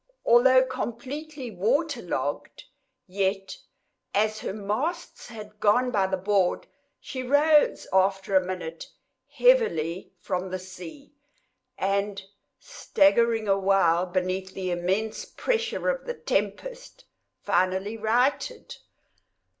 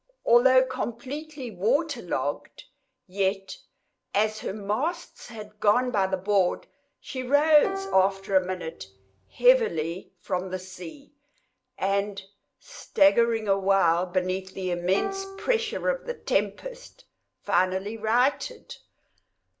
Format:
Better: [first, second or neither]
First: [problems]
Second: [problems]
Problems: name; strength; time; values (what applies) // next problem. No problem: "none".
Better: first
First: none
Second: background sound (Plucked string instrument); 11 dB below the speech